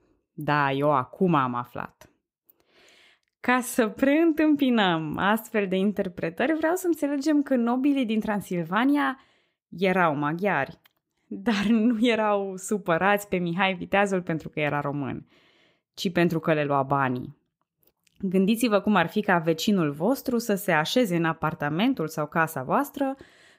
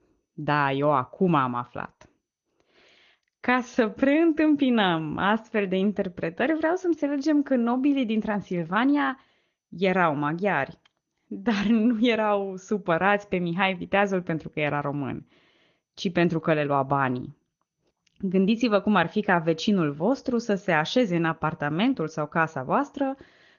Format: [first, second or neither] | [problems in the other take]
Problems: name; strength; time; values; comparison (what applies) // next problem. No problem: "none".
first | garbled, watery; slightly; nothing above 6.5 kHz